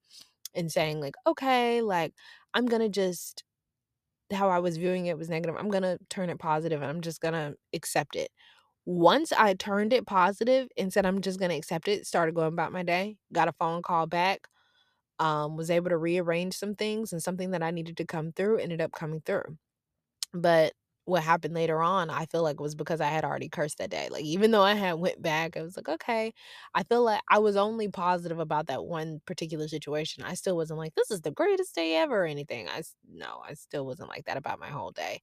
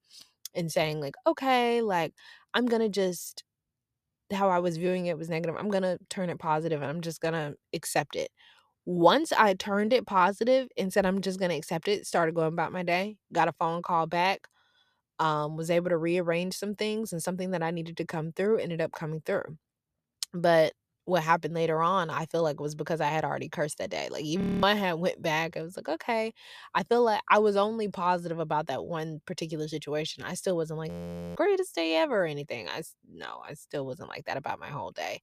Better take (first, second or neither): first